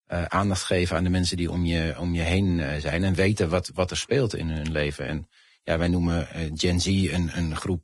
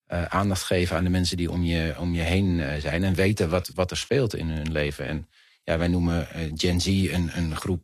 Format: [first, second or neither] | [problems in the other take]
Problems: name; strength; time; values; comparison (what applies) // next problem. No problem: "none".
second | garbled, watery; badly; nothing above 10.5 kHz; slightly in the second